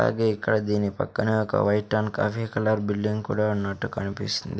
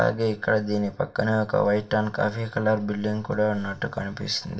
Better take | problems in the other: first | room echo; dies away in 0.2 s

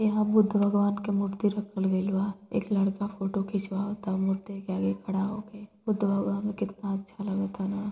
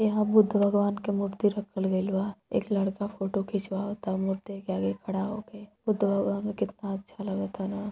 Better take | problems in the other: second | room echo; dies away in 0.6 s

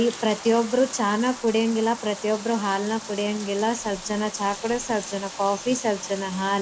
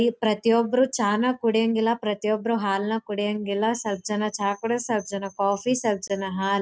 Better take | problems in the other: second | background sound (Bathtub (filling or washing)); 13 dB below the speech

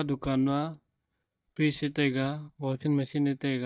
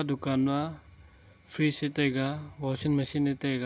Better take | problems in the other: second | noise reduction (neural mask model DeepFilterNet 3)

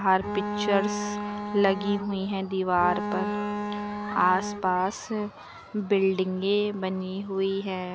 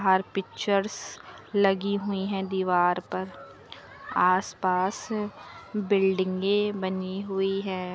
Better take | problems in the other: second | background sound (Bowed string instrument); 5 dB below the speech

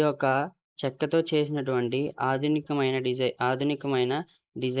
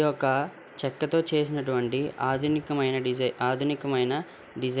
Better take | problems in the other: second | noise reduction (neural mask model Resemble Enhance denoiser)

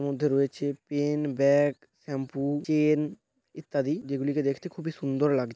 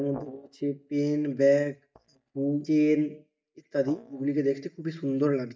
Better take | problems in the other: first | noise reduction (neural mask model DeepFilterNet 3)

